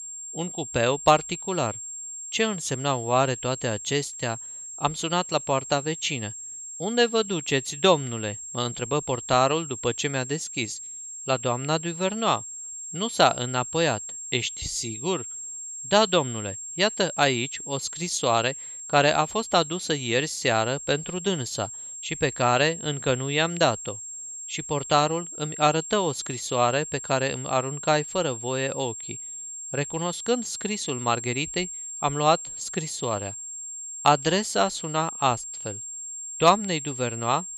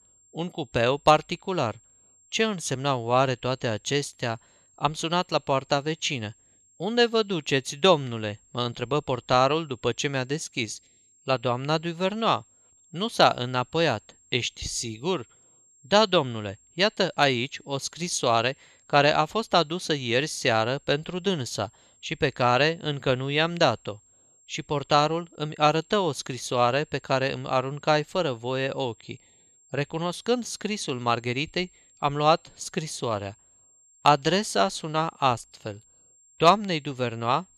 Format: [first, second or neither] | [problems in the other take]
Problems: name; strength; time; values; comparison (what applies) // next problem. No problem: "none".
second | high-pitched whine; loud; throughout; 7.5 kHz, 9 dB below the speech; faint in the second